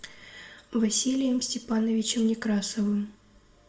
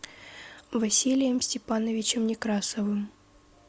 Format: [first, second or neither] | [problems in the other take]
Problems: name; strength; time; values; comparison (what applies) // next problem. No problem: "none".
second | room echo; dies away in 0.4 s